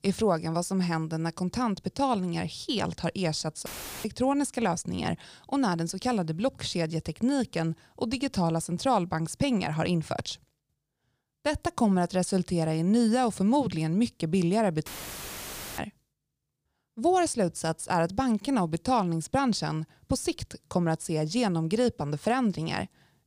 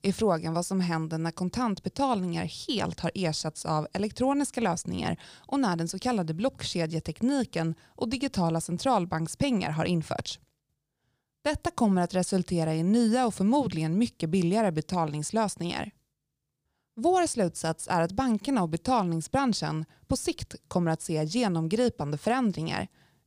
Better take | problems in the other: second | audio cutting out; filled with static; at 3.5 s and at 15 s for 1 s

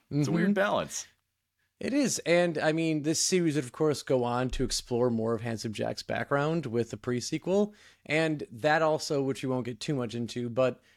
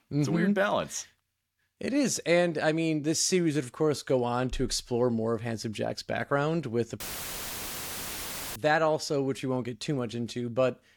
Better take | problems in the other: first | audio cutting out; filled with static; at 7 s for 1.5 s

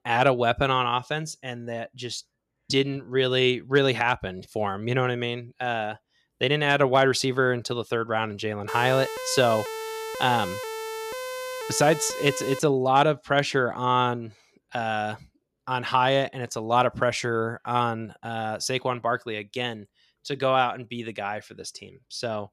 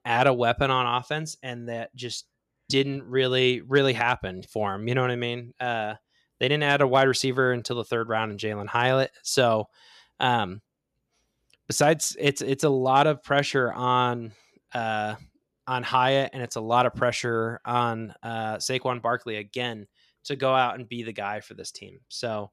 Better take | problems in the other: second | siren; noticeable; from 8.5 to 13 s; peak 8 dB below the speech

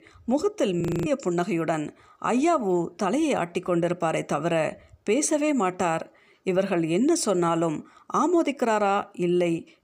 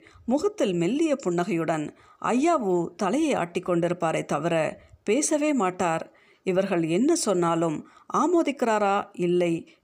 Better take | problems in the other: second | audio freezing; at 1 s

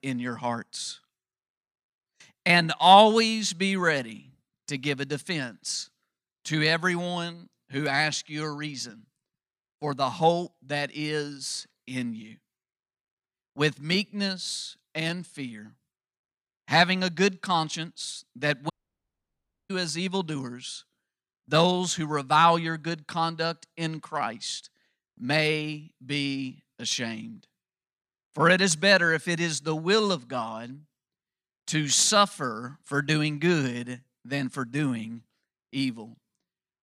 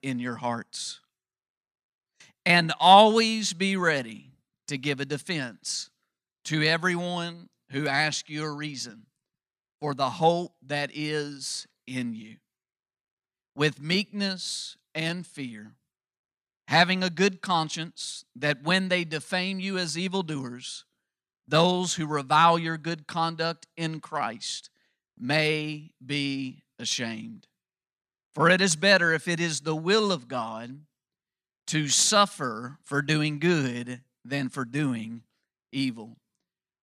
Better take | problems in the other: second | audio cutting out; at 19 s for 1 s

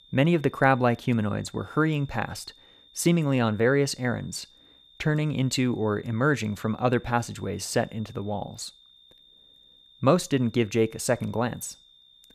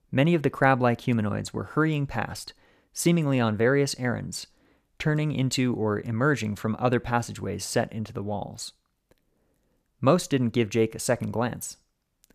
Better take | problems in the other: second | high-pitched whine; faint; throughout; 3.5 kHz, 25 dB below the speech

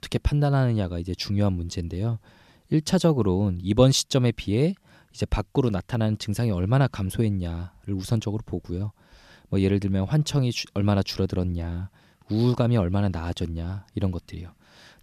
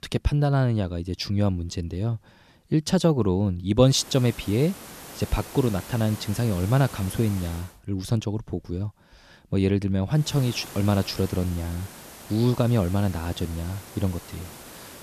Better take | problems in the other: first | hiss; noticeable; from 4 to 7.5 s and from 10 s on; 15 dB below the speech

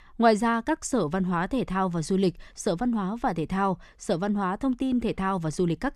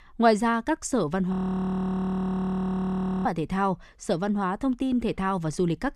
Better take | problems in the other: first | audio freezing; at 1.5 s for 2 s

